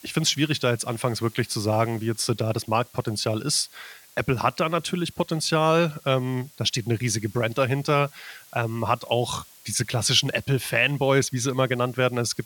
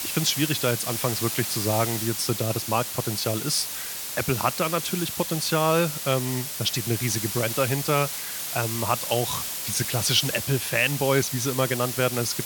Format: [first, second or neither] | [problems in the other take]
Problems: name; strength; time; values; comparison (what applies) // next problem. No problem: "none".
first | hiss; loud; throughout; 3 dB below the speech; faint in the first